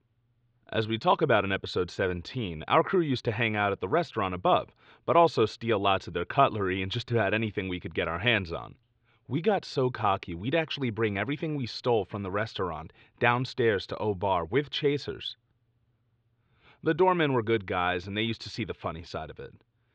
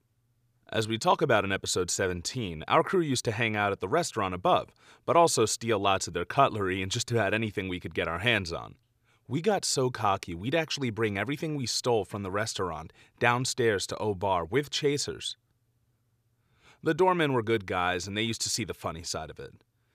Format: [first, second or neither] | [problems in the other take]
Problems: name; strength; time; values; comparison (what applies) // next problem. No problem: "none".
second | muffled; slightly; fading above 3.5 kHz